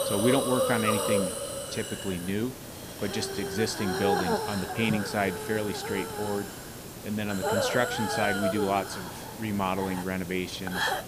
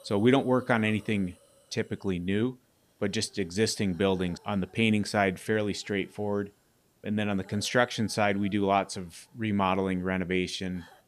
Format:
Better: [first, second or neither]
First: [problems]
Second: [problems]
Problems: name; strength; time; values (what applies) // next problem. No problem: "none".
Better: second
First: hiss; loud; throughout; 1 dB below the speech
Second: hiss; faint; throughout; 30 dB below the speech